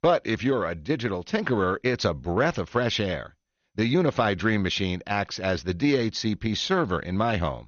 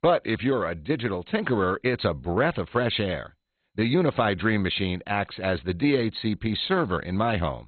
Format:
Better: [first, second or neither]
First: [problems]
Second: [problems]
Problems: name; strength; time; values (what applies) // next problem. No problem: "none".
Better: first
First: garbled, watery; slightly; nothing above 6.5 kHz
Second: garbled, watery; badly; nothing above 4 kHz